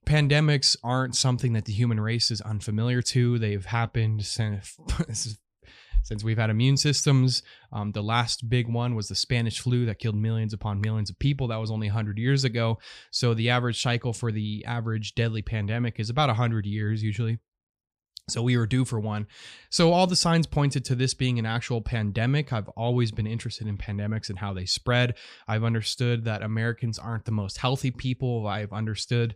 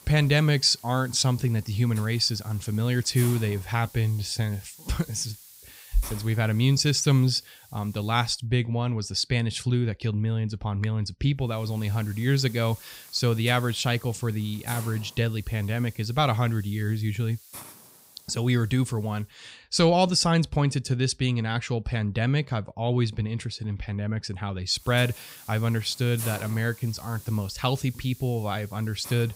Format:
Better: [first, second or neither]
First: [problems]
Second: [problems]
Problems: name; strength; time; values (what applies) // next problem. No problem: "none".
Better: first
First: none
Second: hiss; noticeable; until 8.5 s, from 11 to 19 s and from 25 s on; 20 dB below the speech